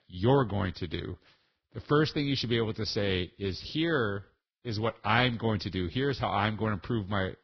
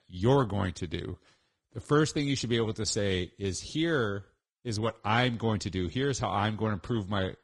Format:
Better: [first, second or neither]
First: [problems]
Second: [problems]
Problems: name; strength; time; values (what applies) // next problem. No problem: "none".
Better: second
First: garbled, watery; badly; nothing above 5.5 kHz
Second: garbled, watery; slightly